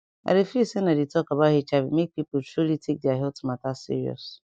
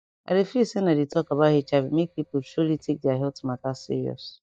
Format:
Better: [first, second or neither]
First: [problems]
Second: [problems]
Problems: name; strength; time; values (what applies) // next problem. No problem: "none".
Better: first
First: none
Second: noise reduction (neural mask model DeepFilterNet 3)